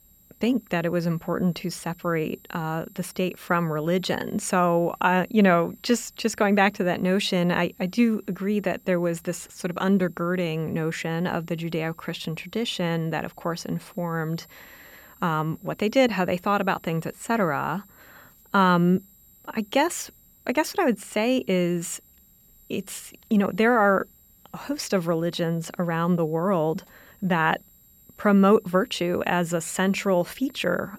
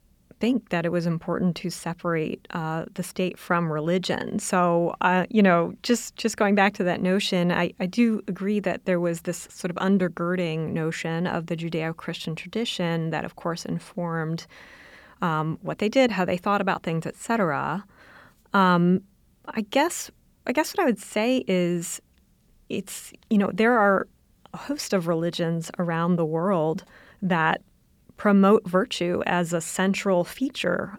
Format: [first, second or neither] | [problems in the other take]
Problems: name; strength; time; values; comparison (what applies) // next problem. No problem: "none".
second | high-pitched whine; faint; throughout; 12 kHz, 30 dB below the speech